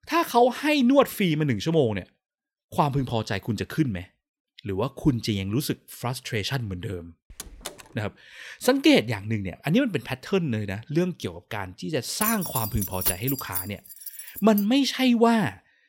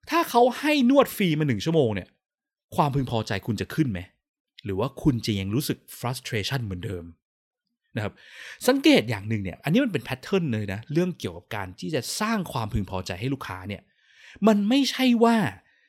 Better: second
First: door banging; faint; at 7.5 s; peak 15 dB below the speech // jangling keys; noticeable; from 12 to 15 s; peak level with the speech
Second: none

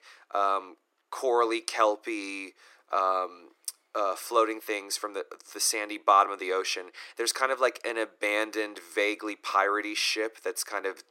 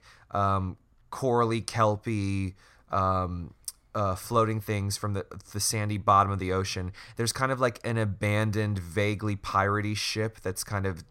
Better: second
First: thin; very; fading below 300 Hz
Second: none

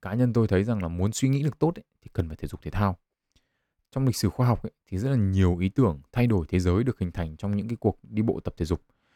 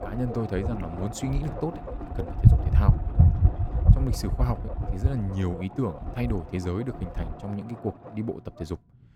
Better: first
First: none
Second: low rumble; loud; throughout; 2 dB below the speech

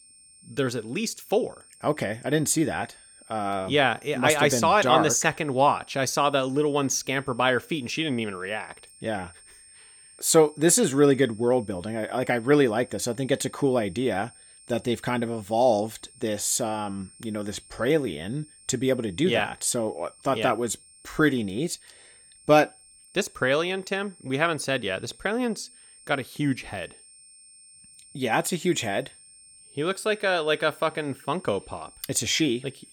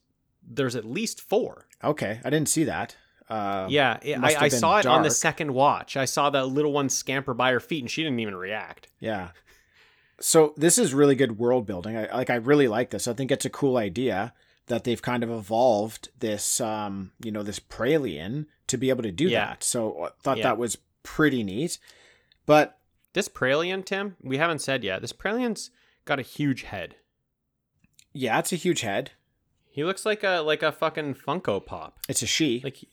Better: second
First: high-pitched whine; faint; throughout; 8.5 kHz, 25 dB below the speech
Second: none

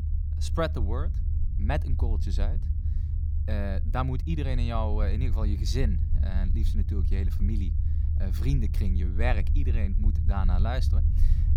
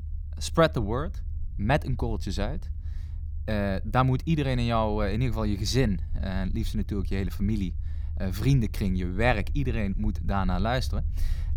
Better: second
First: low rumble; loud; throughout; 9 dB below the speech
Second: low rumble; faint; throughout; 25 dB below the speech

